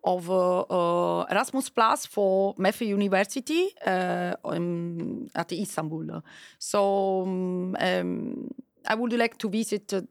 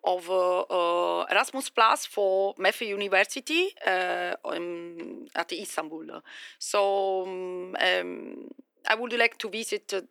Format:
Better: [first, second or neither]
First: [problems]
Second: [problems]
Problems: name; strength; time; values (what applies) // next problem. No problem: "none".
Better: first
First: none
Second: thin; somewhat; fading below 300 Hz